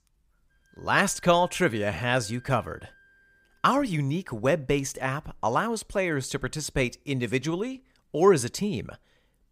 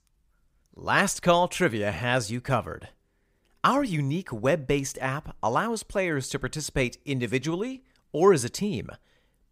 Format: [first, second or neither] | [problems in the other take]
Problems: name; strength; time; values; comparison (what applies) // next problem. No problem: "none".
second | background music; faint; throughout; 25 dB below the speech